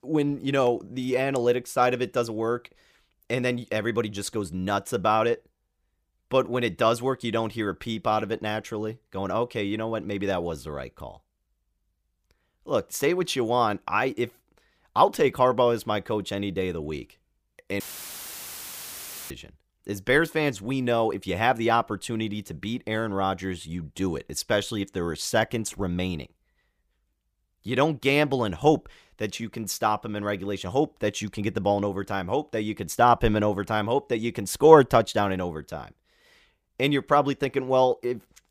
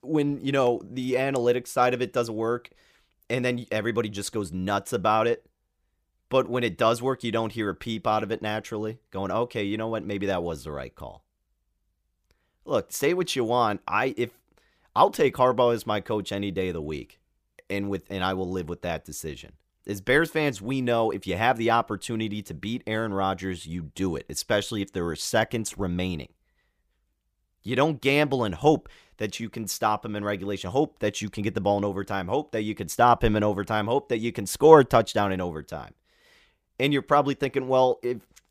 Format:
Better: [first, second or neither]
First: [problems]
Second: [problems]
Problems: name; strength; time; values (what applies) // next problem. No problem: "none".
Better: second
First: audio cutting out; filled with static; at 18 s for 1.5 s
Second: none